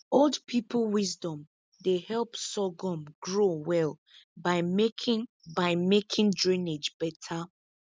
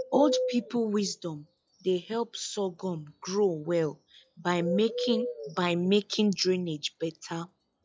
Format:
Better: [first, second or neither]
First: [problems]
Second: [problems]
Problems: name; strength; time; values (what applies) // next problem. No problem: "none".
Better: first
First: none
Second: noise reduction (classical method log-MMSE)